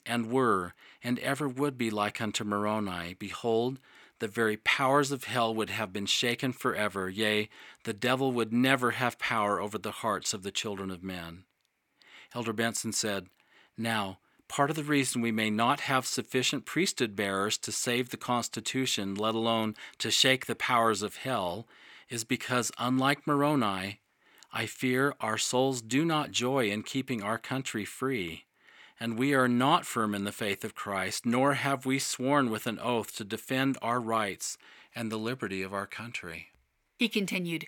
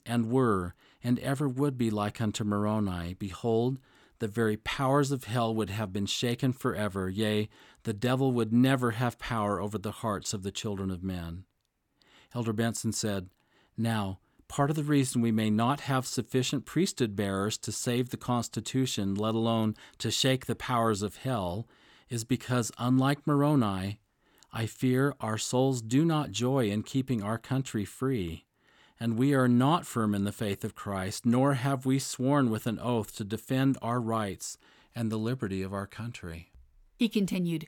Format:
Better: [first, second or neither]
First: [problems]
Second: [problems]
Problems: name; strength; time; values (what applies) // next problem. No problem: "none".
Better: second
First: thin; very slightly; fading below 400 Hz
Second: none